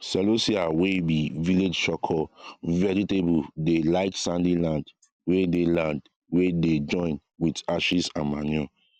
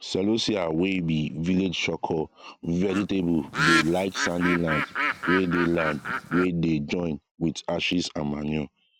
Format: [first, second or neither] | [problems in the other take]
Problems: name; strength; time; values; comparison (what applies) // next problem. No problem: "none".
first | background sound (Bird); 3 dB below the speech